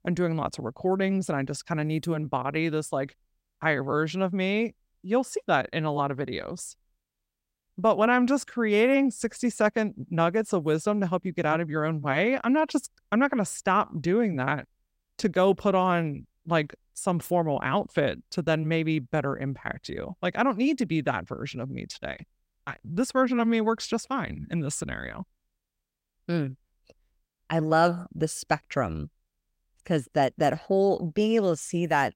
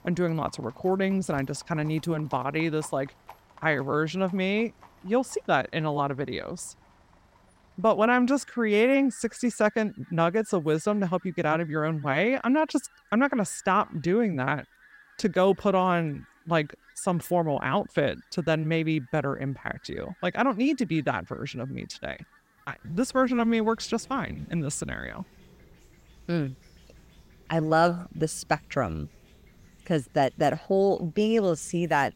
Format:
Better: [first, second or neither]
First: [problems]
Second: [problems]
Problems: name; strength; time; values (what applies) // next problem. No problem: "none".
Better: first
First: none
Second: animal sounds; faint; throughout; 30 dB below the speech